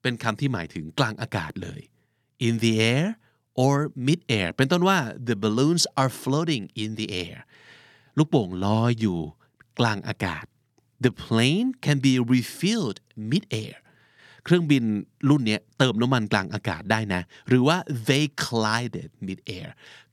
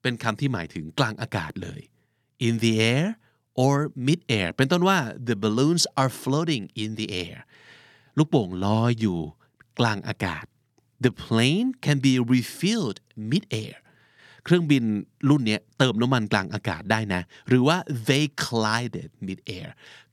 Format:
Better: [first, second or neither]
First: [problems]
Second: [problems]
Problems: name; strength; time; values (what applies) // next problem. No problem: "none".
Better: neither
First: none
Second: none